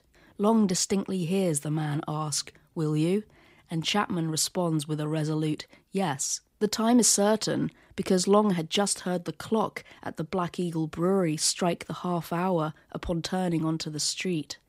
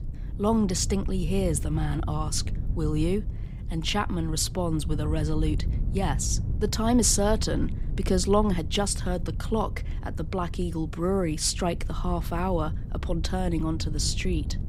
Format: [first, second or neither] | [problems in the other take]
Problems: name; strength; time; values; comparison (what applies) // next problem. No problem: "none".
first | wind noise on the microphone; occasional gusts; 15 dB below the speech